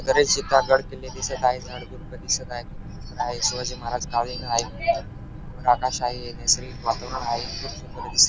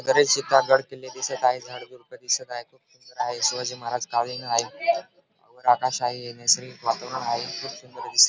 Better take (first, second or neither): second